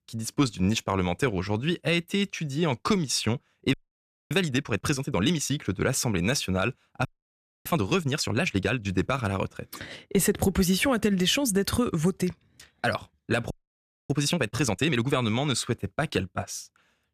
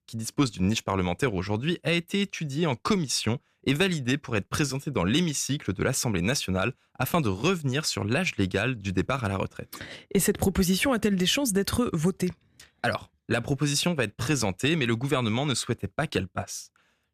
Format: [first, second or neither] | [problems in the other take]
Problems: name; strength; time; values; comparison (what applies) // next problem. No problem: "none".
second | audio freezing; at 3.5 s for 0.5 s, at 7 s for 0.5 s and at 14 s for 0.5 s